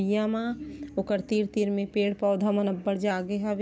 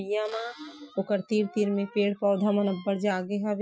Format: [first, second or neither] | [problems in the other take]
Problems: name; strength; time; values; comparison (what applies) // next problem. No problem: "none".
first | noise reduction (classical method Wiener filter)